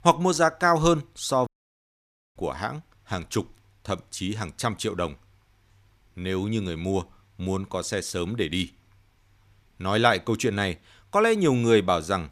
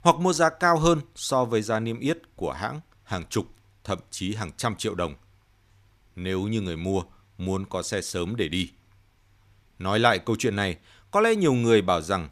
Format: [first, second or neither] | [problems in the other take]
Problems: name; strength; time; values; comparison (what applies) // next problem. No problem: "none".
second | audio cutting out; at 1.5 s for 1 s